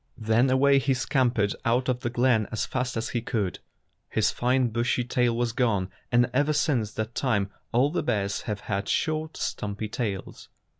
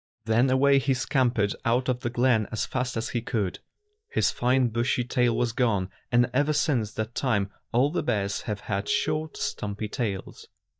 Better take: first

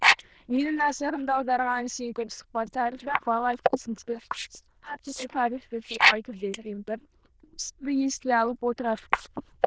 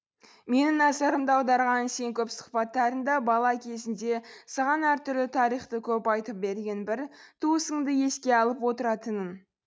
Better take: second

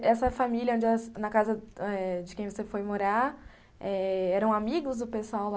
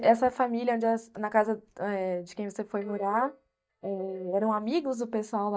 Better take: first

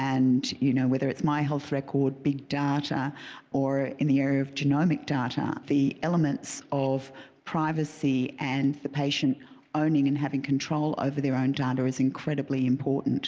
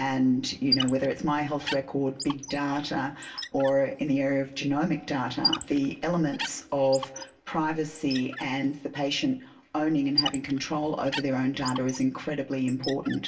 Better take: first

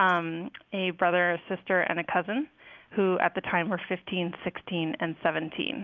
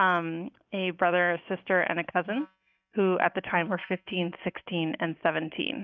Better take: first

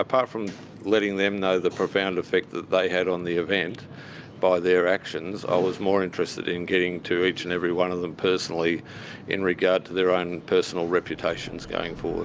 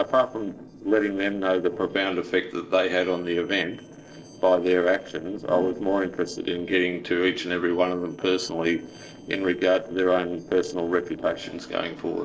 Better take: first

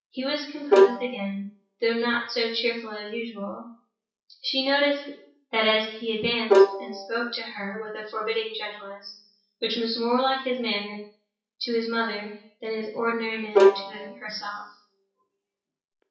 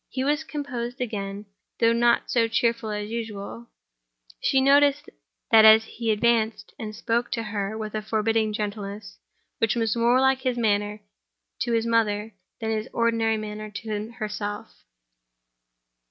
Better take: second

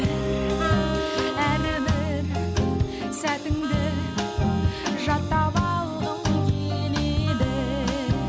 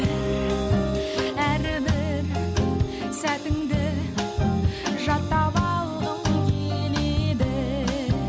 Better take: second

